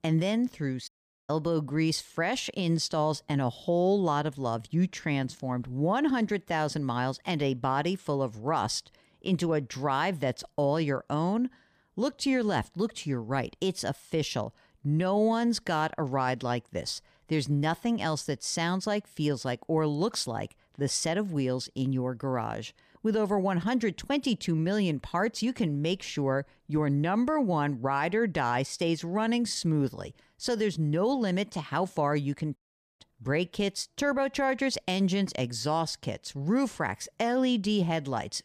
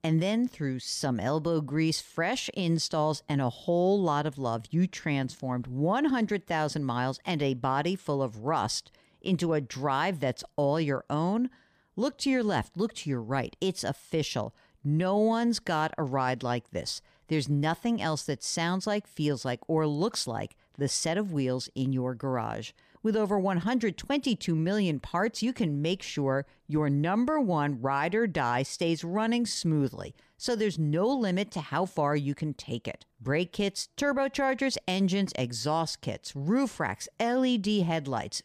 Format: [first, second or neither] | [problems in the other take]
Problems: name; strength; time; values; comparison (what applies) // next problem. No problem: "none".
second | audio cutting out; at 1 s and at 33 s